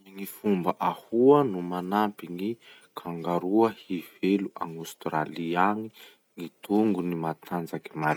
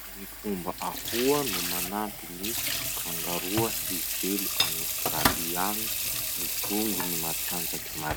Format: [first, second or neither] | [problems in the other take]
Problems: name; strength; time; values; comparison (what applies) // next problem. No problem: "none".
first | background sound (Sink (filling or washing) / Water tap, faucet); 3 dB above the speech